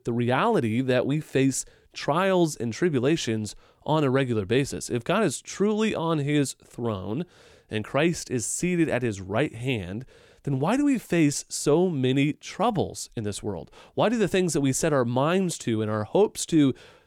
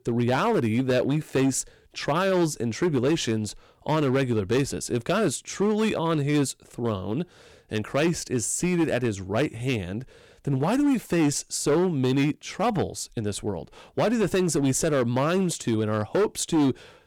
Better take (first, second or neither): first